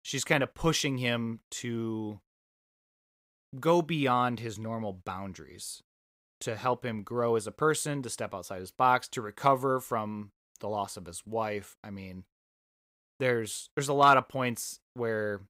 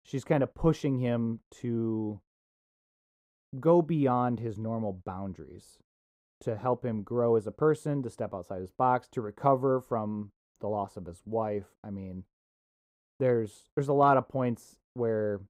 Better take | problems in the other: first | muffled; very; fading above 1.5 kHz

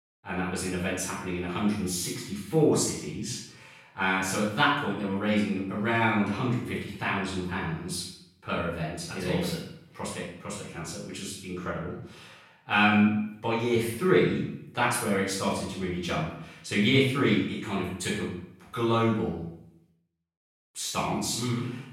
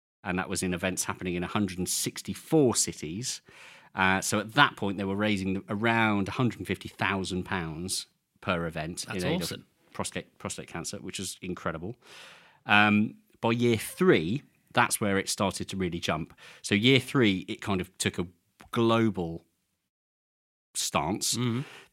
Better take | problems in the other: second | room echo; noticeable; dies away in 0.6 s // off-mic speech; far

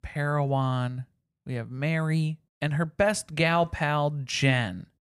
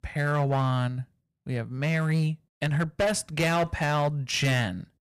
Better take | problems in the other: first | distortion; slight; 11% of the sound clipped

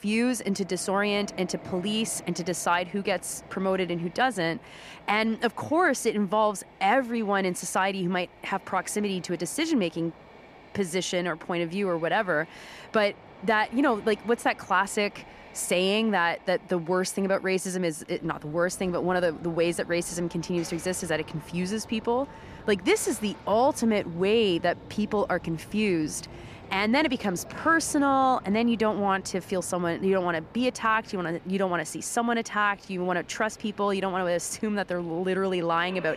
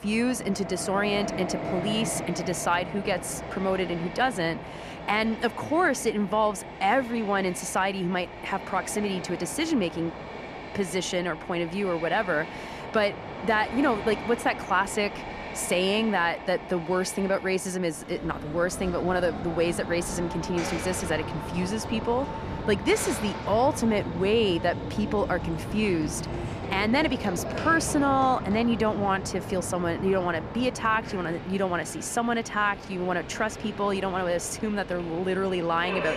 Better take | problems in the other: first | train or aircraft noise; loud; throughout; 9 dB below the speech; faint in the first

